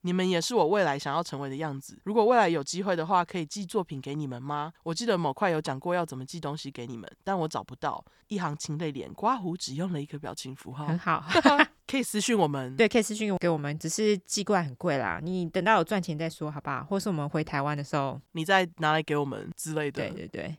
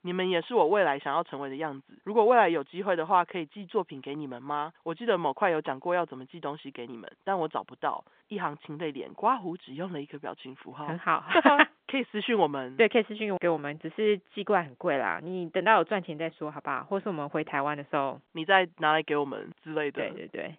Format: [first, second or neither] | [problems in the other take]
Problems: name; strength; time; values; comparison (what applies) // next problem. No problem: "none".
first | phone-call audio; nothing above 3.5 kHz